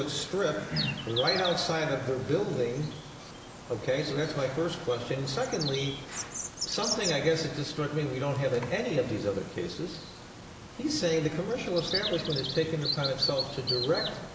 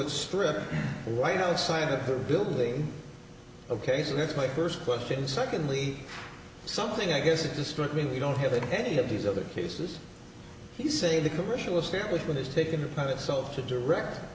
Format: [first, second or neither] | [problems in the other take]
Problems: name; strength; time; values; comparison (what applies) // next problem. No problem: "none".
second | background sound (Bird vocalization, bird call, bird song); 8 dB below the speech